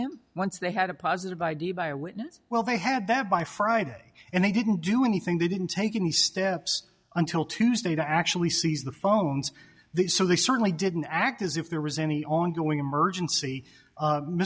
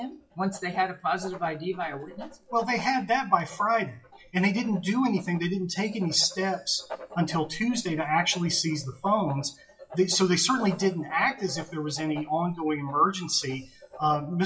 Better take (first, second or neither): first